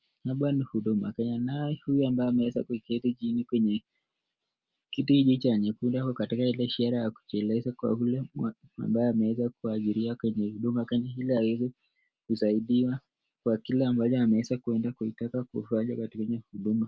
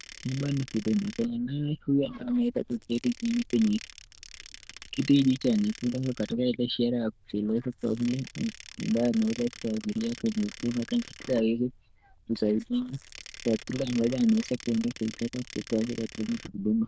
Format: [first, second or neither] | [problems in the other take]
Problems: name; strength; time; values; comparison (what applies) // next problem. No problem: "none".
first | noise reduction (neural diffusion model UNIVERSE++)